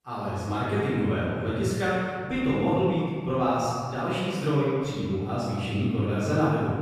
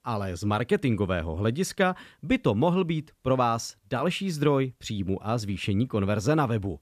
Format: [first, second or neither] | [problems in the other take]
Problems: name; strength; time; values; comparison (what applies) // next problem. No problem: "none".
second | off-mic speech; far // room echo; strong; dies away in 1.6 s